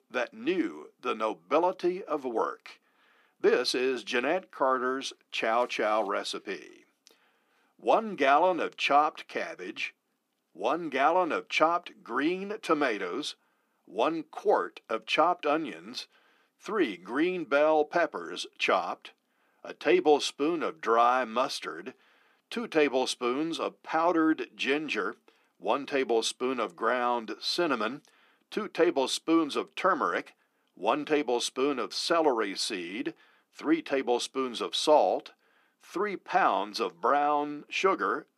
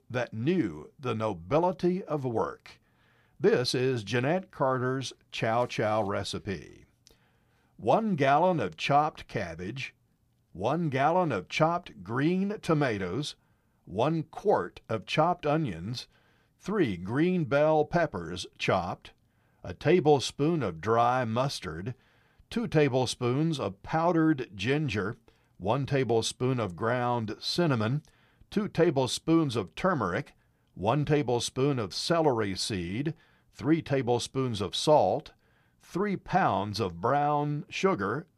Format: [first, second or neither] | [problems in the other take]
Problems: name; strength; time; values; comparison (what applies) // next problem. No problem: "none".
second | thin; somewhat; fading below 250 Hz